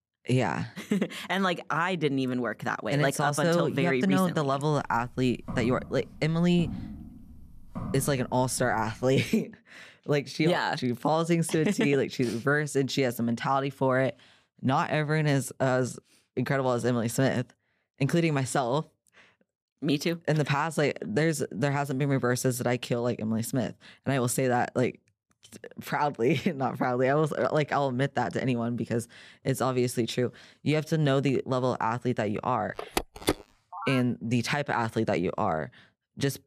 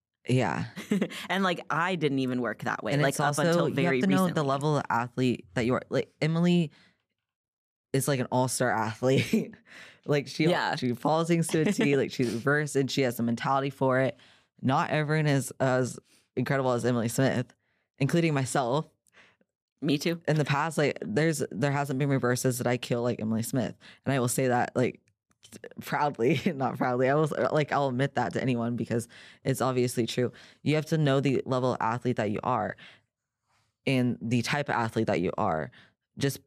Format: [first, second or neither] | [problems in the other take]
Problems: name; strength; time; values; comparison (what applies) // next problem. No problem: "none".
second | footsteps; noticeable; from 5 to 9 s; peak 9 dB below the speech // phone ringing; noticeable; from 33 to 34 s; peak 3 dB below the speech